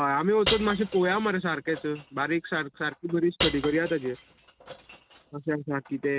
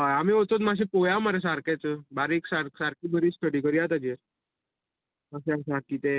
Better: second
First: background sound (Shatter / Crushing); 9 dB below the speech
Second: none

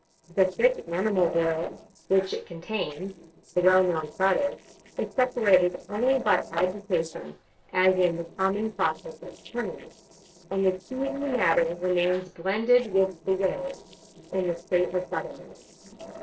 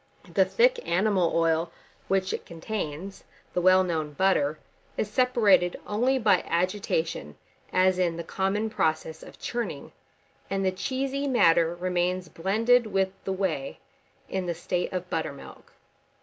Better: second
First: noise reduction (neural separator model SepFormer DNS4)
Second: none

